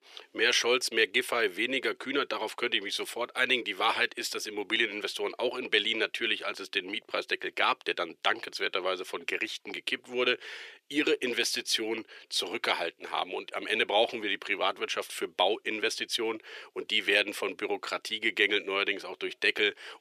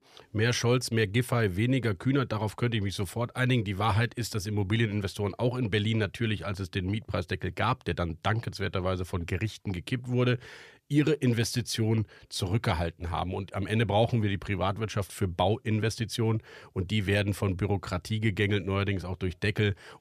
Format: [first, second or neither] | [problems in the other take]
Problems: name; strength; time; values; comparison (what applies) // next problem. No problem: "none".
second | thin; very; fading below 350 Hz